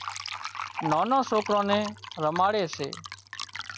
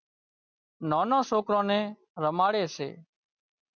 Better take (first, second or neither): second